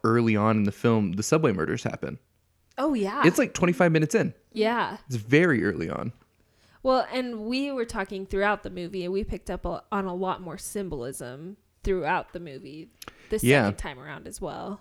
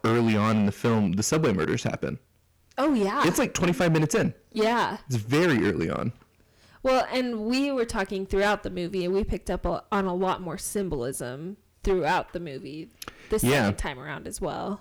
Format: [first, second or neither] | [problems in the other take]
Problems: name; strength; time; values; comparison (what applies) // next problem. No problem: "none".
first | distortion; heavy; 10% of the sound clipped